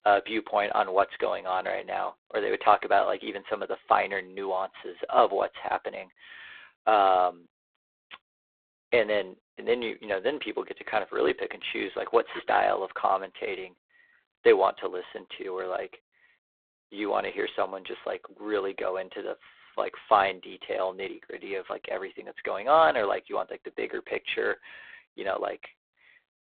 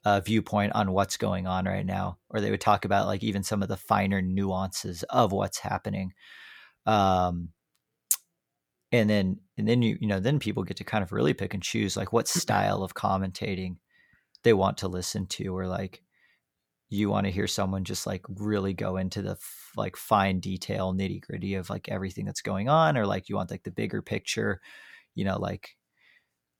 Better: second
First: phone-call audio; poor line; nothing above 4 kHz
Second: none

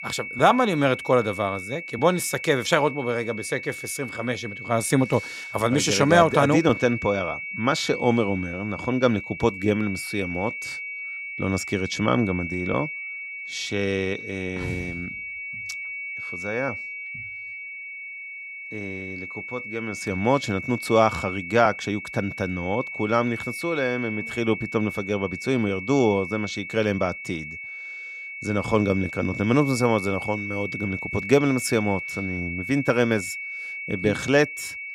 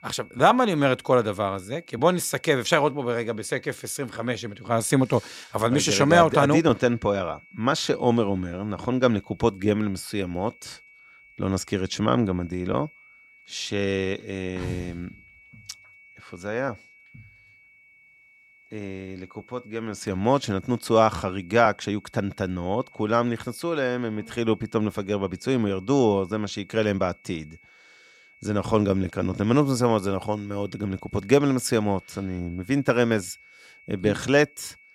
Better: second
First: high-pitched whine; loud; throughout; 2 kHz, 8 dB below the speech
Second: high-pitched whine; faint; throughout; 2 kHz, 25 dB below the speech

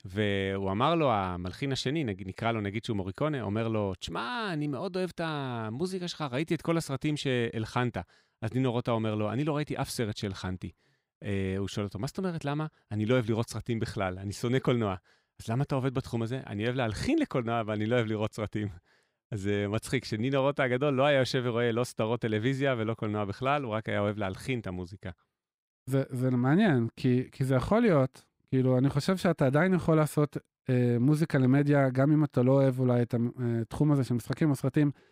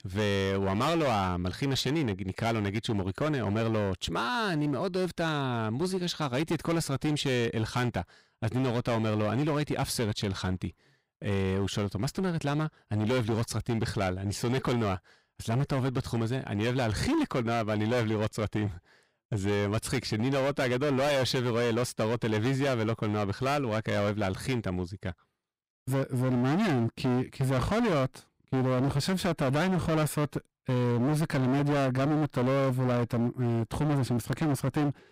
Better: first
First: none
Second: distortion; heavy; 22% of the sound clipped

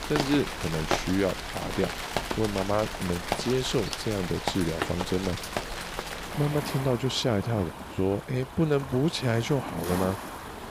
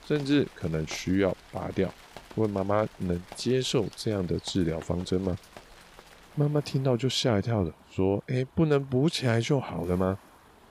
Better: second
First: rain or running water; loud; throughout; 5 dB below the speech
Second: rain or running water; faint; throughout; 20 dB below the speech

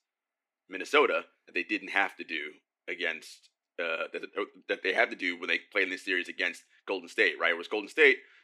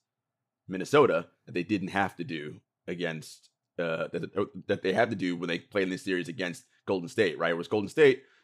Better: second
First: thin; somewhat; fading below 300 Hz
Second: none

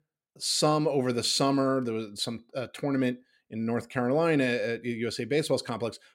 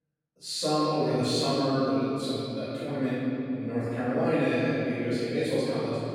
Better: first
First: none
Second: room echo; strong; dies away in 3 s // off-mic speech; far

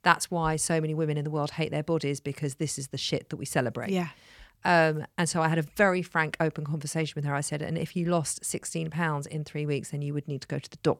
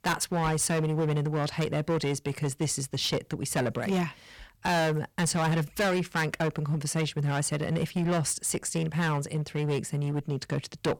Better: first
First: none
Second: distortion; heavy; 14% of the sound clipped

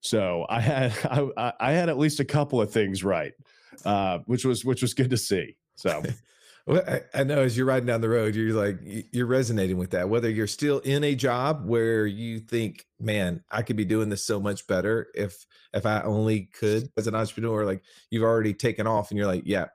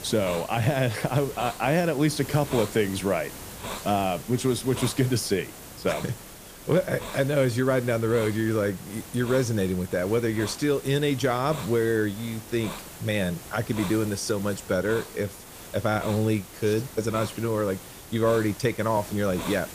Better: first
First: none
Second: hiss; noticeable; throughout; 15 dB below the speech

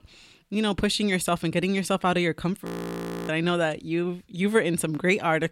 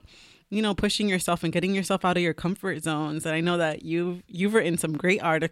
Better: second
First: audio freezing; at 2.5 s for 0.5 s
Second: none

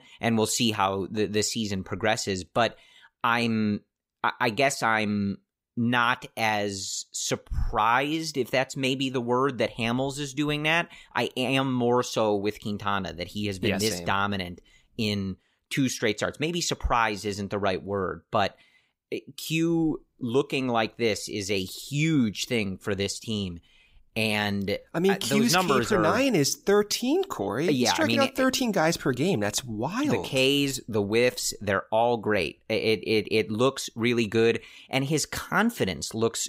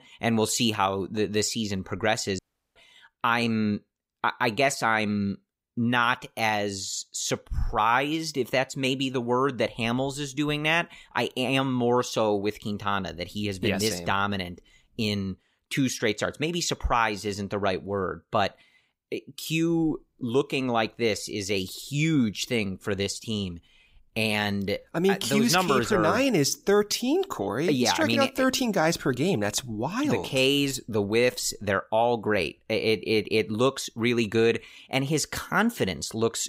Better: first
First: none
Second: audio cutting out; at 2.5 s

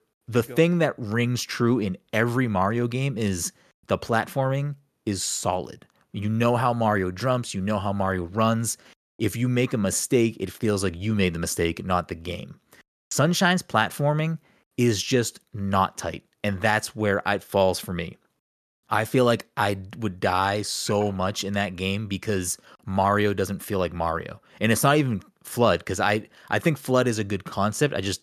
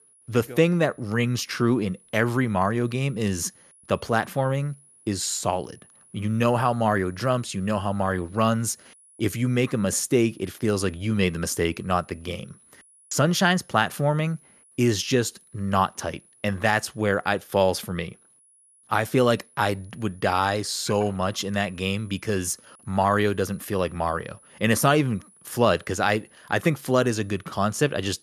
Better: first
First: none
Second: high-pitched whine; faint; throughout; 10.5 kHz, 30 dB below the speech

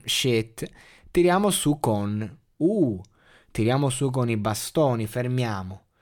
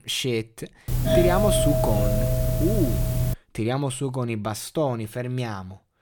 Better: first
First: none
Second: doorbell; loud; from 1 to 3.5 s; peak 6 dB above the speech

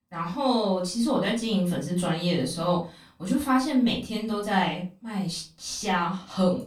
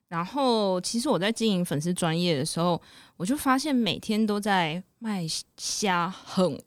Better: second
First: off-mic speech; far // room echo; slight; dies away in 0.3 s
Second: none

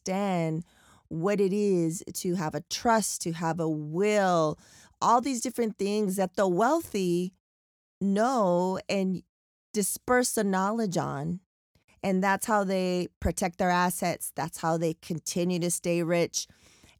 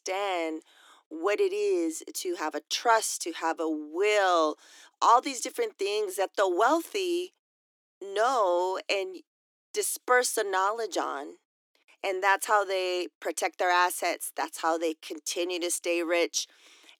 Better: first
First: none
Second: thin; very; fading below 300 Hz

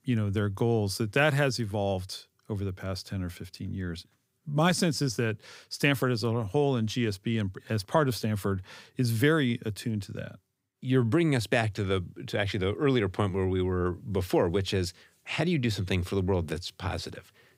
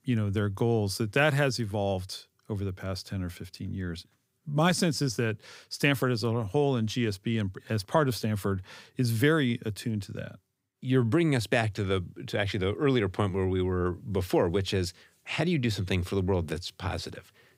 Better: neither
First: none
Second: none

